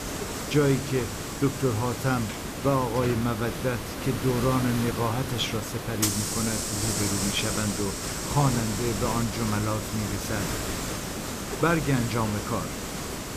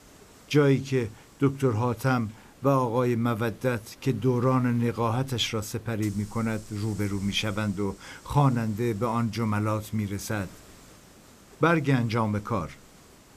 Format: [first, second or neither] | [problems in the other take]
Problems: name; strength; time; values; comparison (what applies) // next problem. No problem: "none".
second | hiss; loud; throughout; 3 dB below the speech; faint in the second